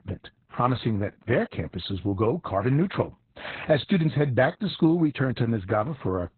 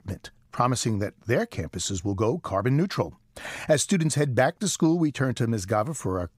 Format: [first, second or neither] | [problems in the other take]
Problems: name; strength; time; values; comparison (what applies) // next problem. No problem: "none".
second | garbled, watery; badly; nothing above 4 kHz